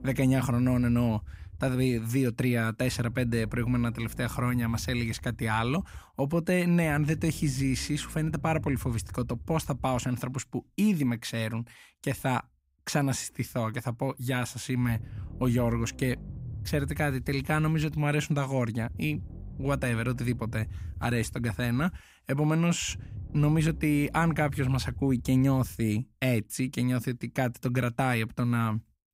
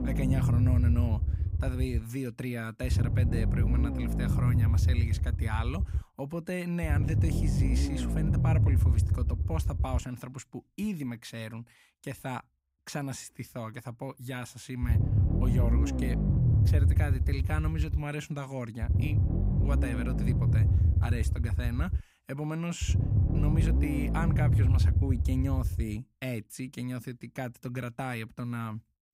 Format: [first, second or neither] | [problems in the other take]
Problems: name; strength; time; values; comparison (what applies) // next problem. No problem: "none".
first | low rumble; loud; until 11 s and from 14 to 26 s; 1 dB below the speech; faint in the first